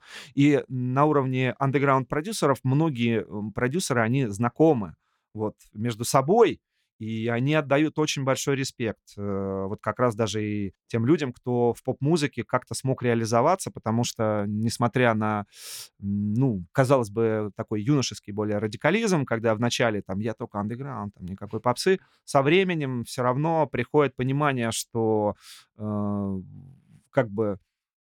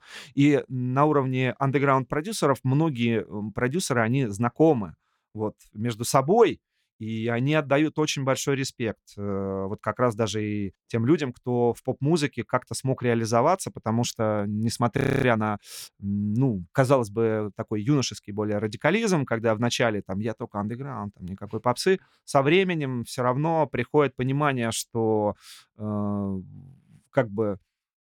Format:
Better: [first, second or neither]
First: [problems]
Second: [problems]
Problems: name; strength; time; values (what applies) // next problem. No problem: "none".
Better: first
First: none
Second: audio freezing; at 15 s